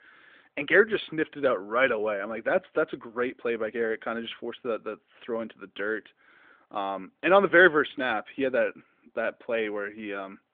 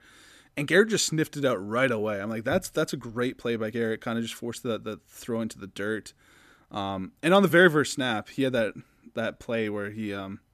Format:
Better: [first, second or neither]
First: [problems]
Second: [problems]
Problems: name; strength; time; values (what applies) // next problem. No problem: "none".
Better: second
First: phone-call audio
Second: none